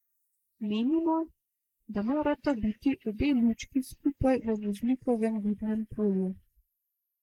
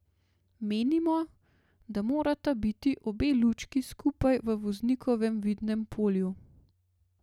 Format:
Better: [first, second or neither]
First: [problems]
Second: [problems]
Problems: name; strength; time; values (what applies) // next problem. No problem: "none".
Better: second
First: noise reduction (neural mask model Resemble Enhance denoiser)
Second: none